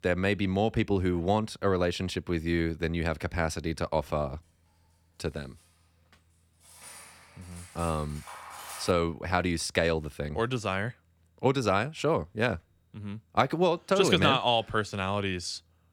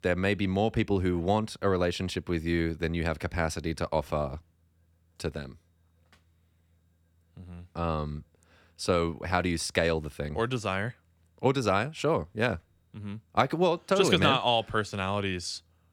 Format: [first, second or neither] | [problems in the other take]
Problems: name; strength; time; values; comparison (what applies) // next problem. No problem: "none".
second | clattering dishes; faint; from 6.5 to 9 s; peak 10 dB below the speech